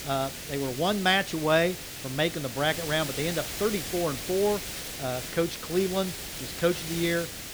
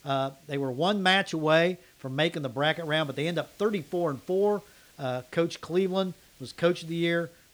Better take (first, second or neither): second